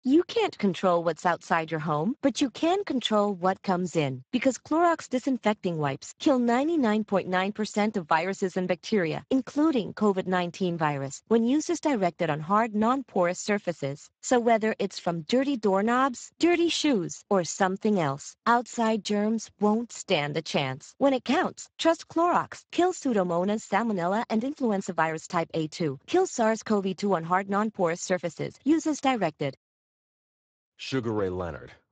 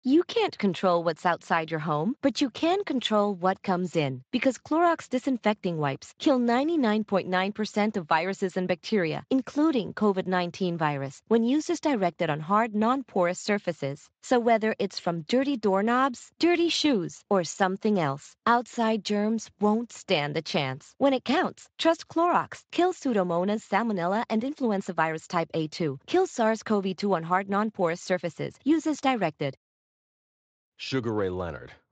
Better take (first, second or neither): second